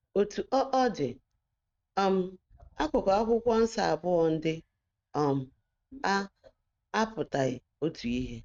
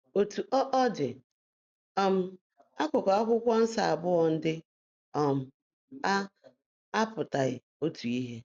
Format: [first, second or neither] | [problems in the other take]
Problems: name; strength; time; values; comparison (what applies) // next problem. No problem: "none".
second | noise reduction (neural mask model RNNoise)